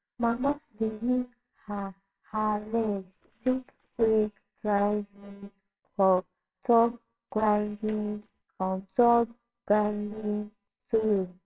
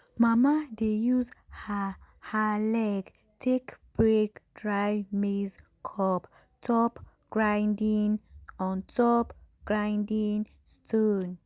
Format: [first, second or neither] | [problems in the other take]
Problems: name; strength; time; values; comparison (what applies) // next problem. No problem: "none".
second | noise reduction (neural separator model SepFormer WHAMR!)